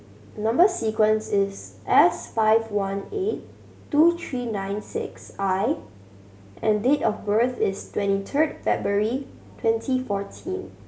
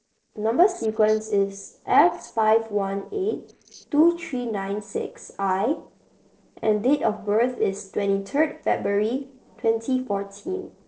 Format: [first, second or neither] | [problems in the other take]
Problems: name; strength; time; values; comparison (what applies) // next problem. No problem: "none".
first | noise reduction (neural separator model SepFormer DNS4)